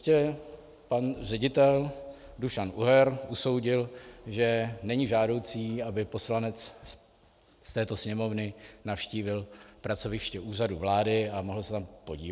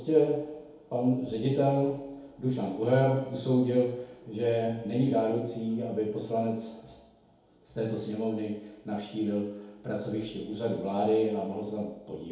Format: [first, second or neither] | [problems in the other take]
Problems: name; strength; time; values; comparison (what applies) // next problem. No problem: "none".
first | room echo; dies away in 2 s